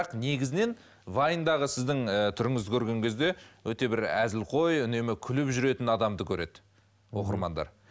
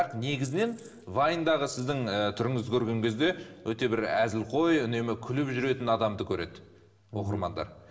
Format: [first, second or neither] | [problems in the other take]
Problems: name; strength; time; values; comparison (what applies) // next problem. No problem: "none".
first | noise reduction (neural separator model SepFormer DNS4)